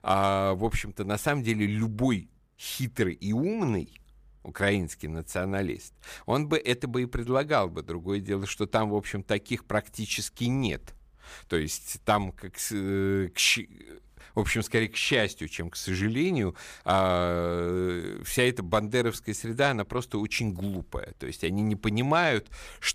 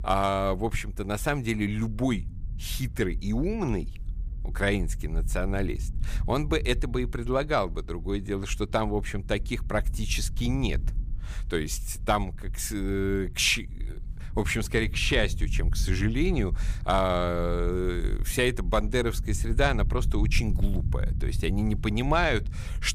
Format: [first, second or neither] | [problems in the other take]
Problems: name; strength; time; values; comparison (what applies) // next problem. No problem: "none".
first | low rumble; faint; throughout; 20 dB below the speech